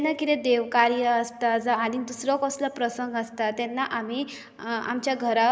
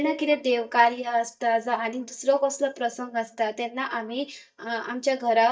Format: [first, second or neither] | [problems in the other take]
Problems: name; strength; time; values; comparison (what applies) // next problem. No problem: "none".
first | noise reduction (neural mask model DeepFilterNet 3)